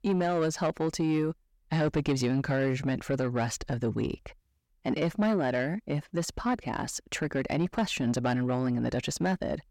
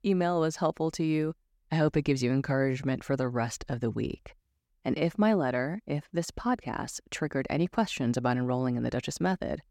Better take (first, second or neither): second